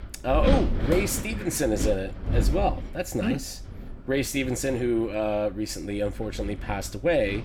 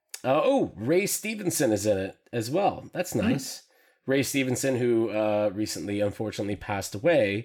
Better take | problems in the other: second | wind noise on the microphone; heavy; 9 dB below the speech

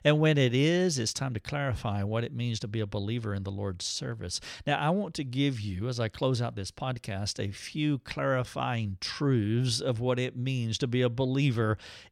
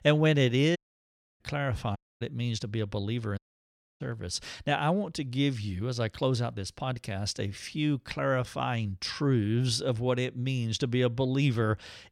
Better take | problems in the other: first | audio cutting out; at 1 s for 0.5 s, at 2 s and at 3.5 s for 0.5 s

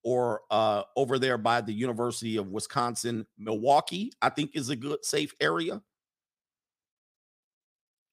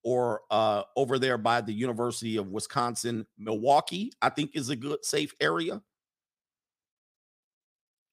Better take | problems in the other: neither | none

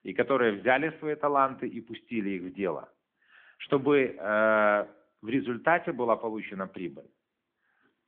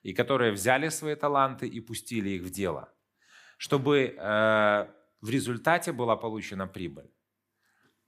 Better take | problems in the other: second | phone-call audio; nothing above 3.5 kHz

